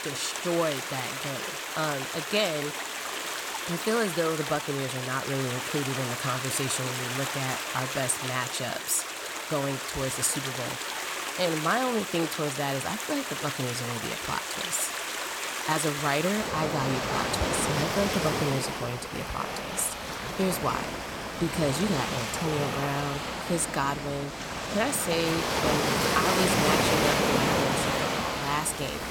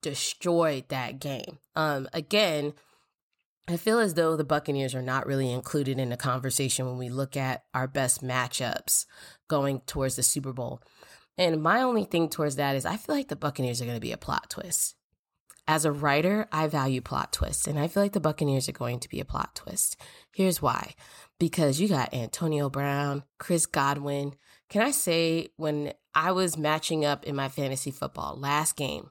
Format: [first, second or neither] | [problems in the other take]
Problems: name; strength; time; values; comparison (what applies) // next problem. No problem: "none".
second | rain or running water; very loud; throughout; as loud as the speech